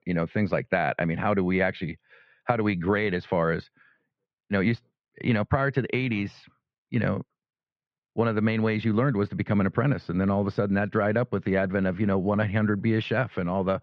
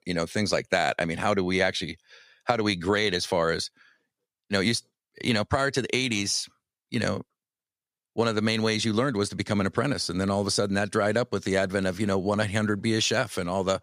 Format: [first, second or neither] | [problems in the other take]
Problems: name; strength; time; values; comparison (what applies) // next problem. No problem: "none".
second | muffled; very; fading above 2.5 kHz